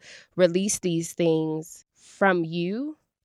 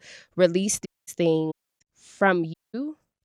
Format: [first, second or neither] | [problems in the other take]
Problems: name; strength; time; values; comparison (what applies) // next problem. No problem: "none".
first | audio cutting out; at 1 s, at 1.5 s and at 2.5 s